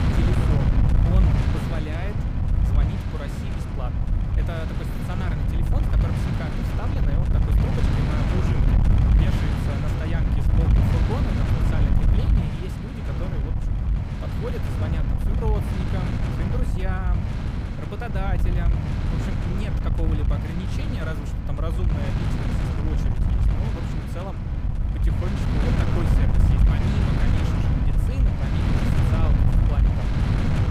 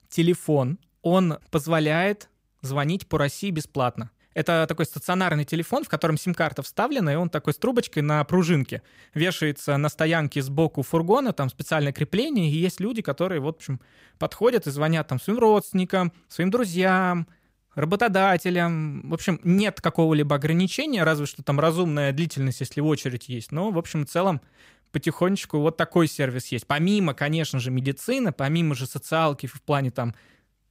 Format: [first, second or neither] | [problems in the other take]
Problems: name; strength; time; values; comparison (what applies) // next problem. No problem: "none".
second | wind noise on the microphone; heavy; 4 dB above the speech